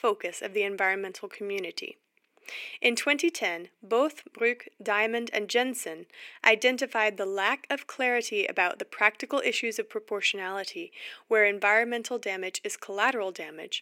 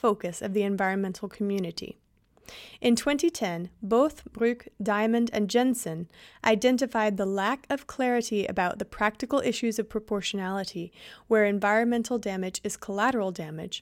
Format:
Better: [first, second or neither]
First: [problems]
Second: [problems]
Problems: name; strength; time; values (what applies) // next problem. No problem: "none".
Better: second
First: thin; somewhat; fading below 300 Hz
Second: none